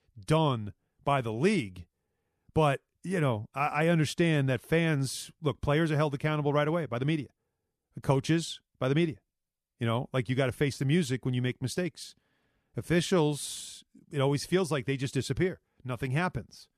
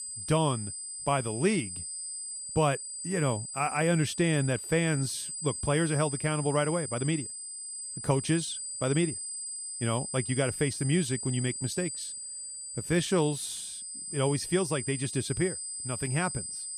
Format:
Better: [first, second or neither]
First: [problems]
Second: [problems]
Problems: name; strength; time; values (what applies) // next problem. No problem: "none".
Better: first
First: none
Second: high-pitched whine; loud; throughout; 8 kHz, 6 dB below the speech